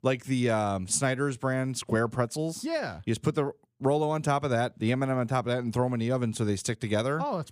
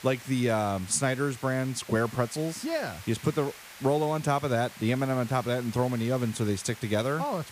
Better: first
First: none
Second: hiss; noticeable; throughout; 15 dB below the speech

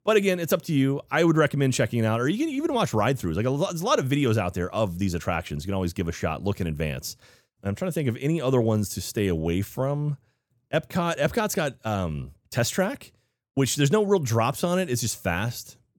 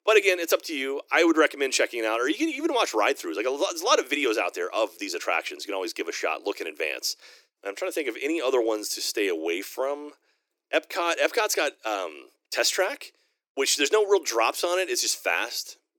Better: first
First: none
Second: thin; very; fading below 300 Hz

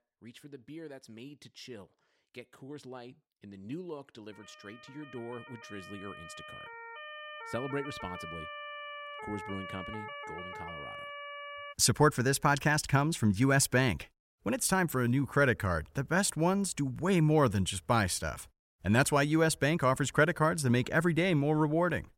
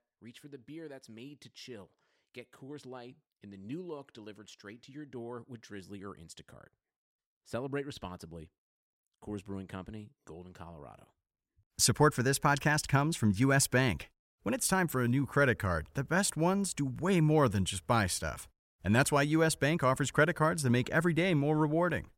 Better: second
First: siren; faint; from 4.5 to 12 s; peak 15 dB below the speech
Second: none

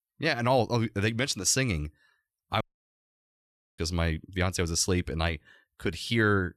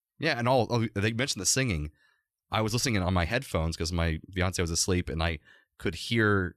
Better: second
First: audio cutting out; at 2.5 s for 1 s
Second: none

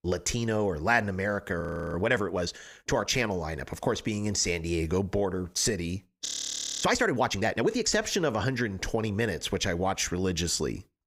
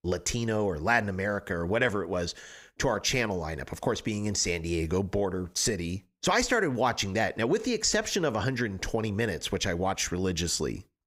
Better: second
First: audio freezing; at 1.5 s and at 6.5 s for 0.5 s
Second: none

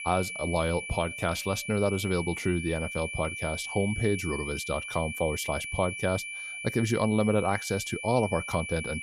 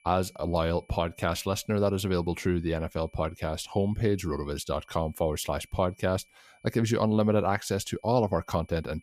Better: second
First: high-pitched whine; loud; throughout; 2.5 kHz, 6 dB below the speech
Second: high-pitched whine; faint; throughout; 2.5 kHz, 35 dB below the speech

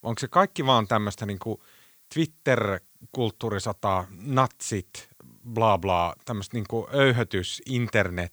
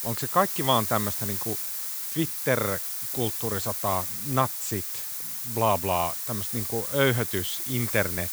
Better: first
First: hiss; faint; throughout; 30 dB below the speech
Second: hiss; loud; throughout; 1 dB below the speech

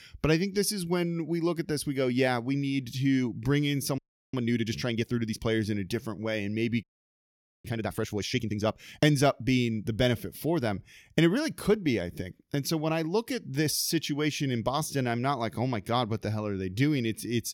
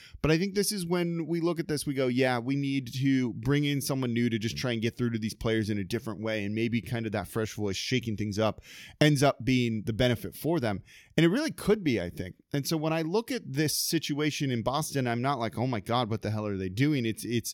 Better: second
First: audio freezing; at 4 s and at 7 s for 1 s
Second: none

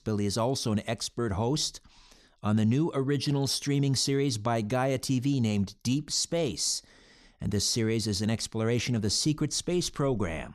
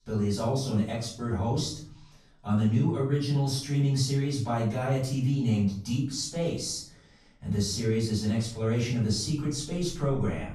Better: first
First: none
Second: room echo; noticeable; dies away in 0.5 s // off-mic speech; far

